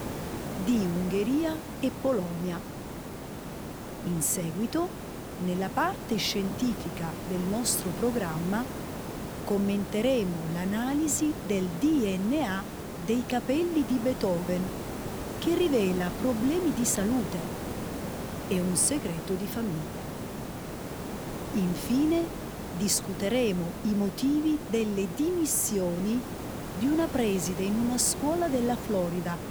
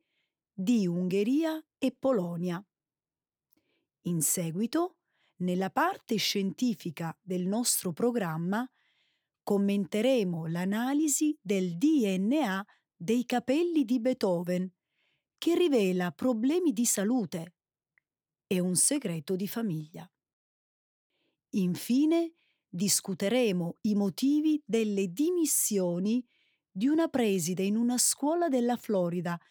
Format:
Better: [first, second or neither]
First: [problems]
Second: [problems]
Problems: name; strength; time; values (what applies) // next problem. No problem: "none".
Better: second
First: hiss; loud; throughout; 8 dB below the speech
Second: none